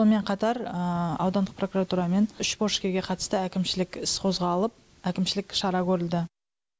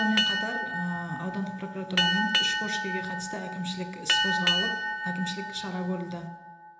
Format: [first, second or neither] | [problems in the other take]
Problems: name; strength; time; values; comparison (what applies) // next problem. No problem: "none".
first | background sound (Boat, Water vehicle); 4 dB above the speech // room echo; dies away in 1 s